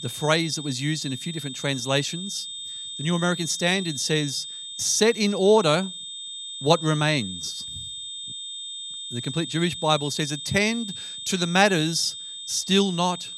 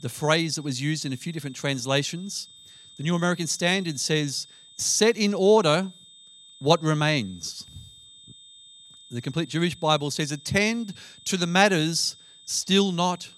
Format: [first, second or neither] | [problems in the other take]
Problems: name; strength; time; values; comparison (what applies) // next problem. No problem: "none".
second | high-pitched whine; loud; throughout; 3.5 kHz, 9 dB below the speech; faint in the second